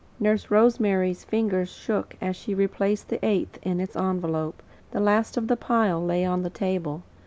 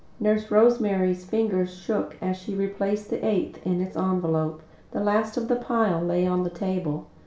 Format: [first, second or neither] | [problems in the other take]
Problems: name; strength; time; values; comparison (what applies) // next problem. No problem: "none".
first | room echo; dies away in 0.4 s